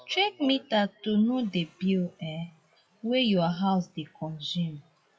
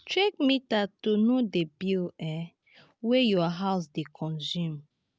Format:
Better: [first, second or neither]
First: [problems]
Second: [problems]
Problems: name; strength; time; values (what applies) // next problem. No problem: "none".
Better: second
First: noise reduction (classical method WPE with log-MMSE)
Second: none